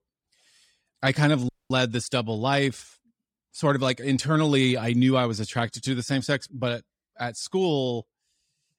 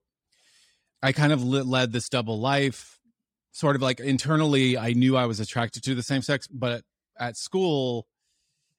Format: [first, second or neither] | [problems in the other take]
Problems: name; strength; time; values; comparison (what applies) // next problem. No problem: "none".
second | audio cutting out; at 1.5 s